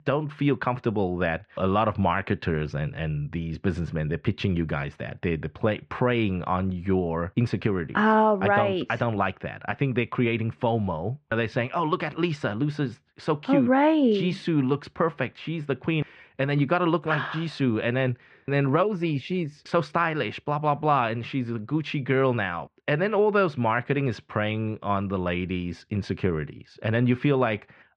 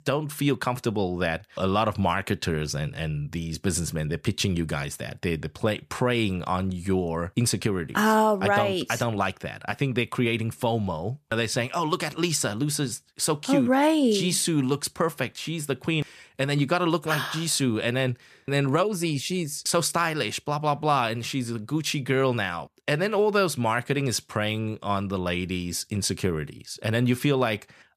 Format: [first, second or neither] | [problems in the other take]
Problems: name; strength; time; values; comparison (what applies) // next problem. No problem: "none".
second | muffled; very; fading above 2.5 kHz